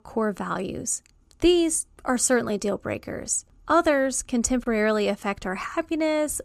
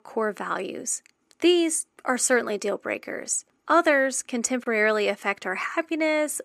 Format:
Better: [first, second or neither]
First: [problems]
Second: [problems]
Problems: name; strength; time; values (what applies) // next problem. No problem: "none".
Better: first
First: none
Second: thin; very slightly; fading below 350 Hz